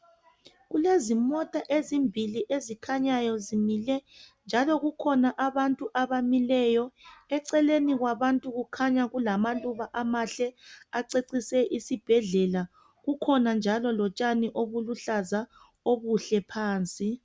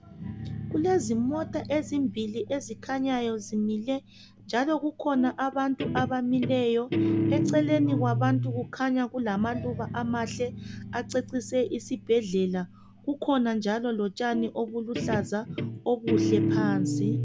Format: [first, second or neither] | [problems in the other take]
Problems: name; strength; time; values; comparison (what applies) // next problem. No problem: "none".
first | background sound (Guitar); 4 dB below the speech